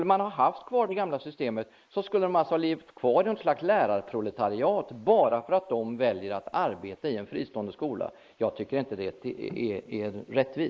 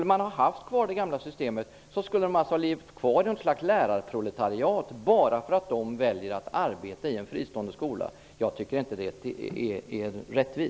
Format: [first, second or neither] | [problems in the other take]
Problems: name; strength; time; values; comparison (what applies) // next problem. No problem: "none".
second | noise reduction (neural mask model Resemble Enhance denoiser)